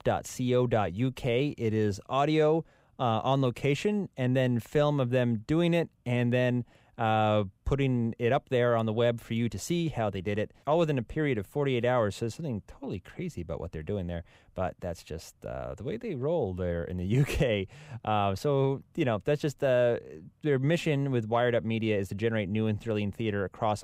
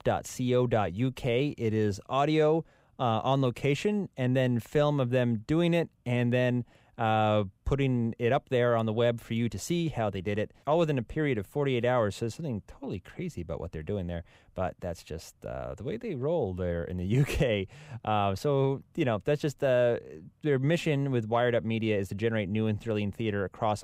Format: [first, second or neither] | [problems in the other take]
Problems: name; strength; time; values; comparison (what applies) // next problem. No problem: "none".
neither | none